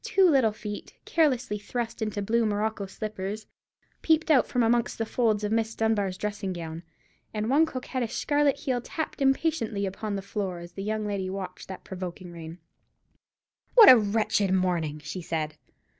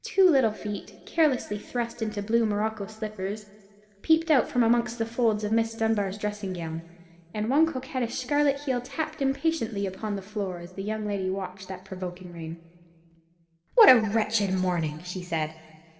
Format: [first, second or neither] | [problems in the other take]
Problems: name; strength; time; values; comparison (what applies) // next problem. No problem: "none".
first | room echo; dies away in 1.7 s